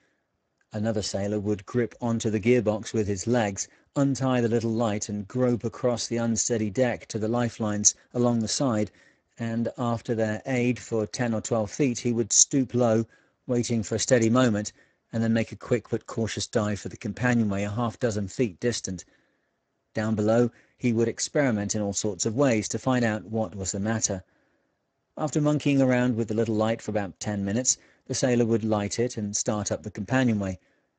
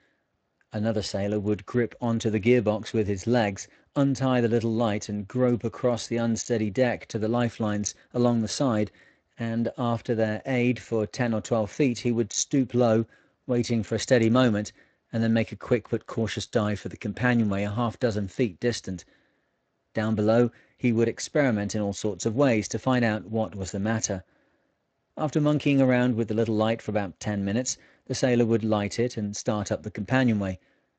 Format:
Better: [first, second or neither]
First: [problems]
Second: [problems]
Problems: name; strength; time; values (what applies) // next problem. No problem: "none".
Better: second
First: garbled, watery; badly; nothing above 7.5 kHz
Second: garbled, watery; slightly; nothing above 7.5 kHz